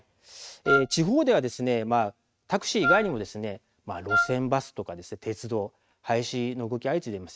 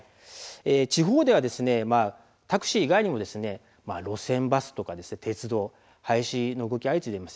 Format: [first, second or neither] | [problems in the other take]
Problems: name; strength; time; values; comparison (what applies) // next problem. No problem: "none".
second | noise reduction (neural mask model RNNoise)